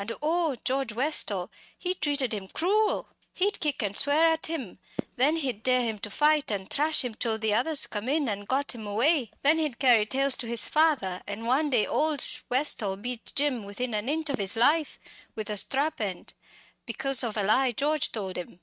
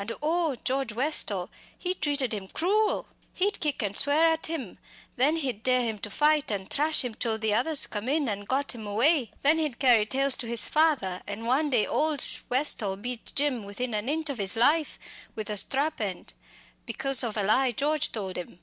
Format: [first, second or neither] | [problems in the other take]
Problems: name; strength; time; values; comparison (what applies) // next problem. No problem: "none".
second | noise reduction (neural mask model RNNoise)